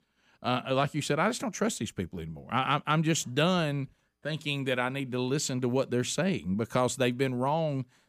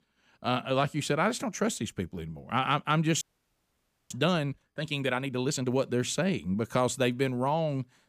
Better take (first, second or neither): first